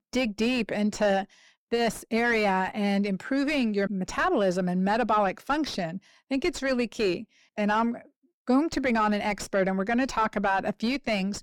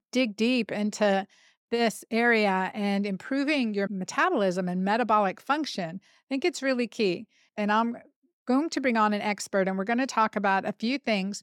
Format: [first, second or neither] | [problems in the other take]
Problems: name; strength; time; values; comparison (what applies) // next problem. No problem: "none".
second | distortion; slight; 8 dB below the speech